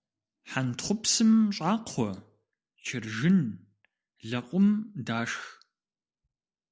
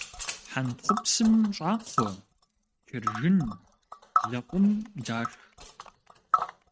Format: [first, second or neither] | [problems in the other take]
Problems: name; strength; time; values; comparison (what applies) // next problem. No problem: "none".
first | noise reduction (neural mask model RNNoise)